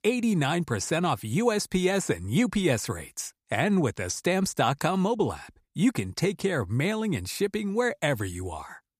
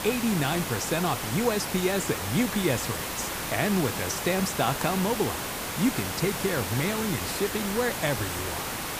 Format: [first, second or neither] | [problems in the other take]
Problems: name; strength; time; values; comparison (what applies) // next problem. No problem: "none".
first | hiss; loud; throughout; 3 dB below the speech